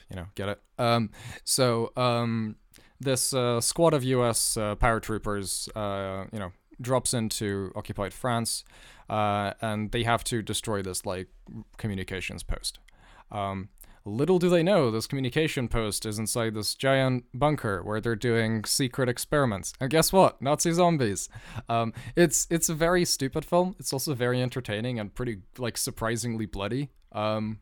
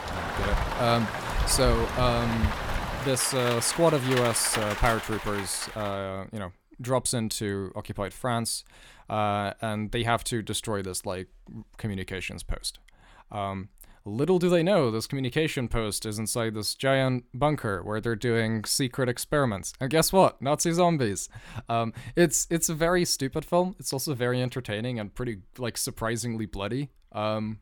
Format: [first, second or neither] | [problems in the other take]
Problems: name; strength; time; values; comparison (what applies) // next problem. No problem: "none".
first | rain or running water; loud; until 6 s; 4 dB below the speech